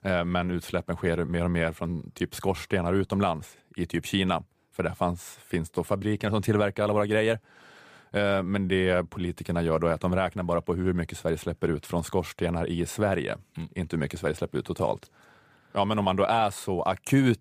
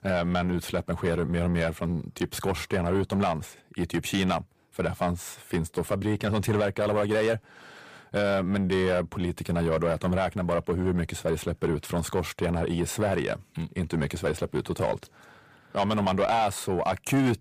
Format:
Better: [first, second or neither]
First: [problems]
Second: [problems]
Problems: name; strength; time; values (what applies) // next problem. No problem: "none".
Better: first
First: none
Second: distortion; slight; 10 dB below the speech